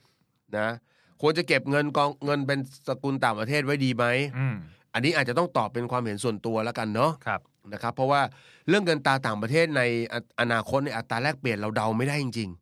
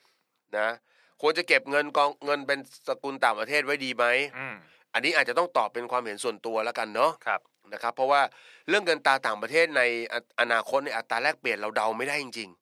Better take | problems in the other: first | thin; somewhat; fading below 500 Hz

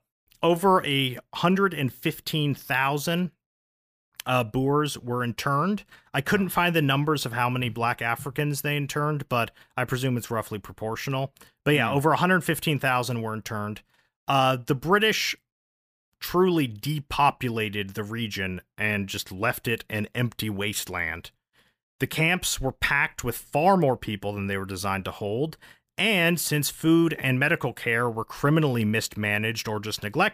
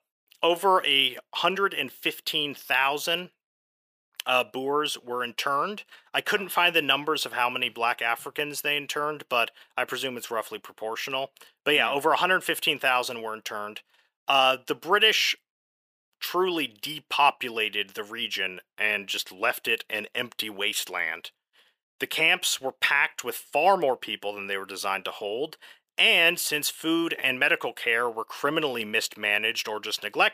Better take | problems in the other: first | thin; somewhat; fading below 500 Hz

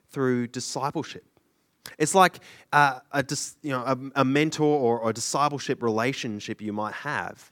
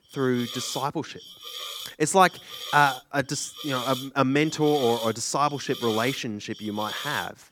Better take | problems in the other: first | hiss; noticeable; throughout; 10 dB below the speech

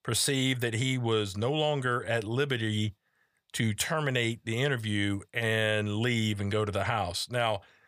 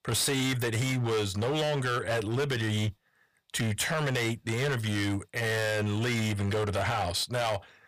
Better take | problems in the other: first | distortion; heavy; 21% of the sound clipped

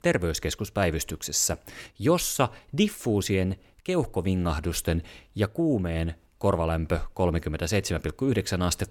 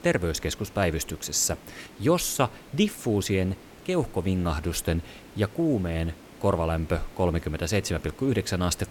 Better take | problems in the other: first | hiss; faint; throughout; 20 dB below the speech

